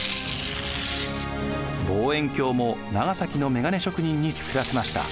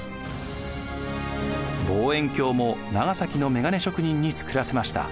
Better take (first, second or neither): second